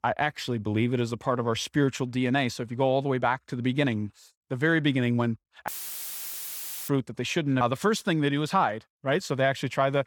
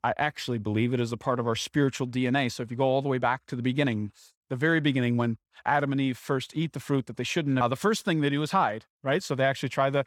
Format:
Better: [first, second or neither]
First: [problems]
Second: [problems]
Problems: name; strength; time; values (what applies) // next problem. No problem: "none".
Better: second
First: audio cutting out; filled with static; at 5.5 s for 1 s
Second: none